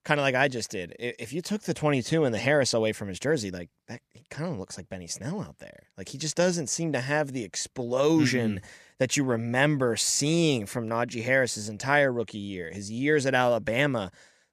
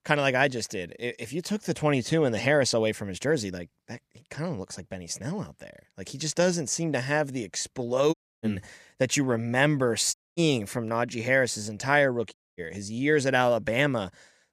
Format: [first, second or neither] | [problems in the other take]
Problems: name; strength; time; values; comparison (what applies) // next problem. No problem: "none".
first | audio cutting out; at 8 s, at 10 s and at 12 s